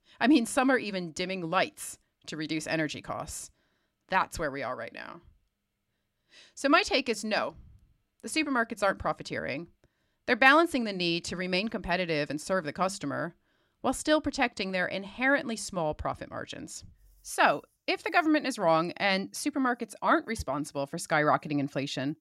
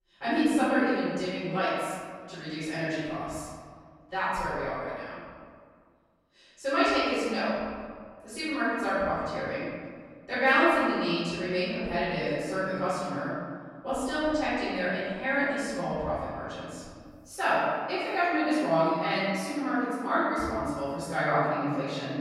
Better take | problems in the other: first | off-mic speech; far // room echo; strong; dies away in 1.8 s

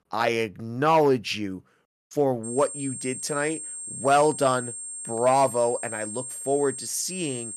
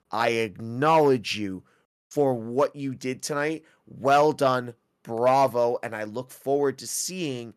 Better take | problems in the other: second | high-pitched whine; loud; from 2.5 s on; 8.5 kHz, 8 dB below the speech

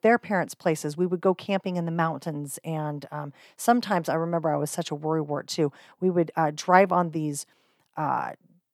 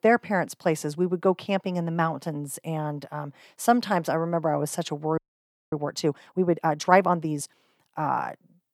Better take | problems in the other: first | audio freezing; at 5 s for 0.5 s

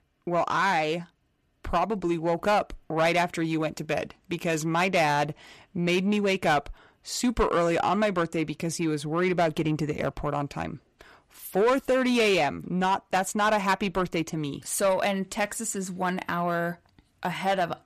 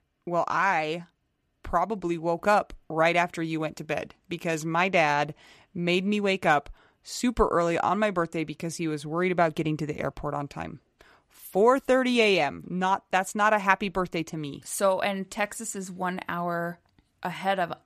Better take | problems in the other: second | distortion; slight; 10 dB below the speech

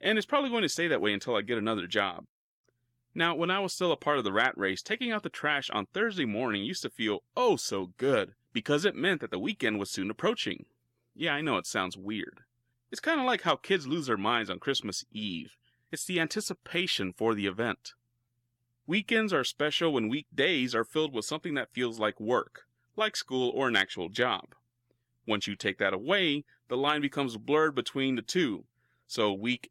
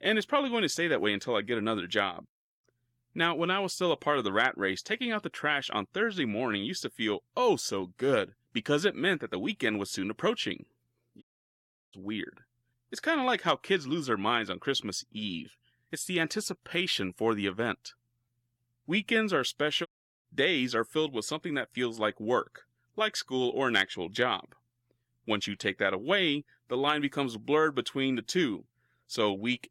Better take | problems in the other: first | audio cutting out; at 11 s for 0.5 s and at 20 s

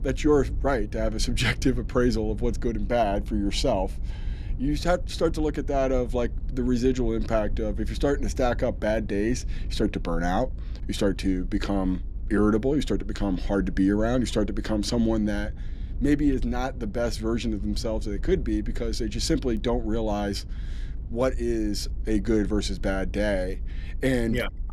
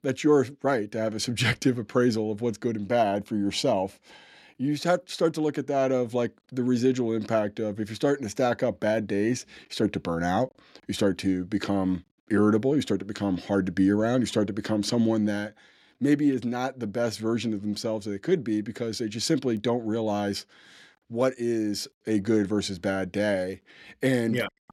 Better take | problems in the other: second | low rumble; faint; throughout; 25 dB below the speech

